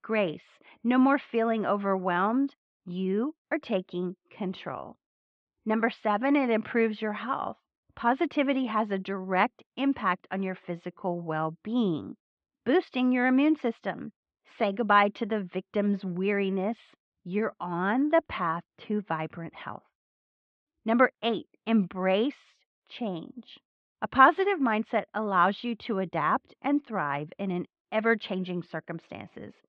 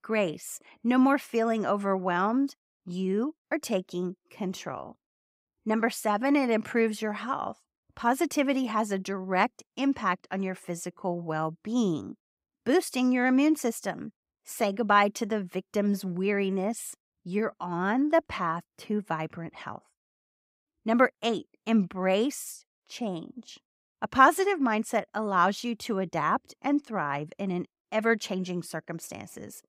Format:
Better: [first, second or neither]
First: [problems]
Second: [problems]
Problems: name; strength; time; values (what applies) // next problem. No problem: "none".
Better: second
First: muffled; very; fading above 3.5 kHz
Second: none